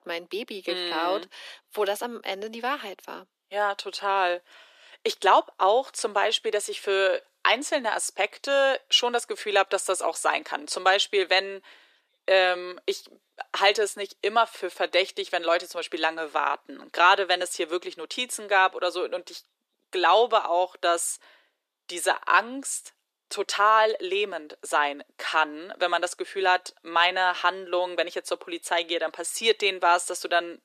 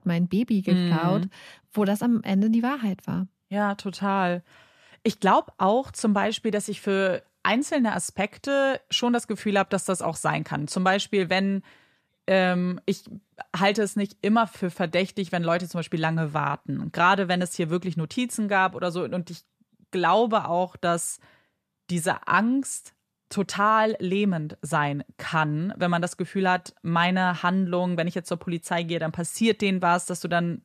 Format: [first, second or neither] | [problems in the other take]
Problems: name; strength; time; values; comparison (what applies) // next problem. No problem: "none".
second | thin; very; fading below 350 Hz